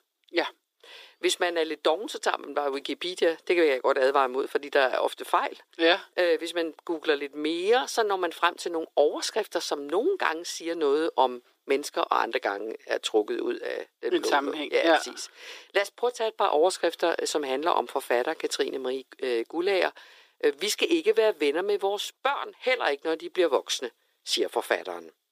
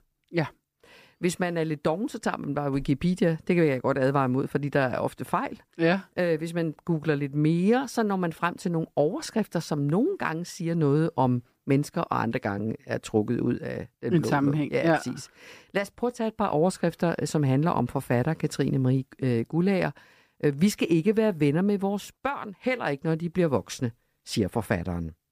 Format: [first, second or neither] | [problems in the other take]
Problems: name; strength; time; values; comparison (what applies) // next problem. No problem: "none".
second | thin; very; fading below 350 Hz